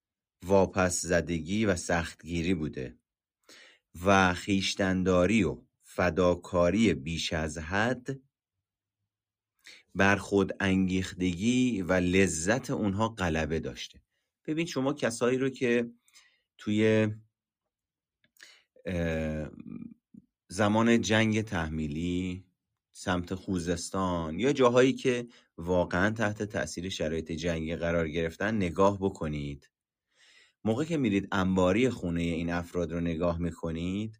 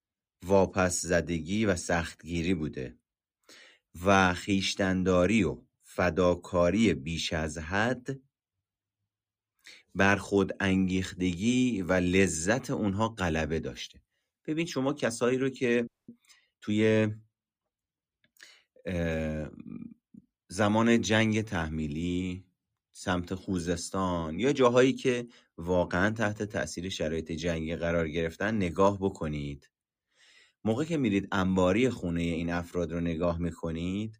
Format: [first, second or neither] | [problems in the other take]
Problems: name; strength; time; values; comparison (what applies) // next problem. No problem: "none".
first | audio freezing; at 16 s